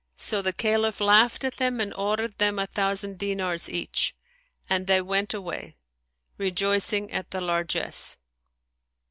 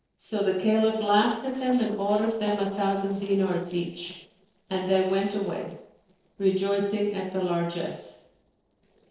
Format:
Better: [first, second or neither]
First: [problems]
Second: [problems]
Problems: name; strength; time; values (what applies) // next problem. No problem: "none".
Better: first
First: none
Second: noise reduction (neural separator model SepFormer DNS4)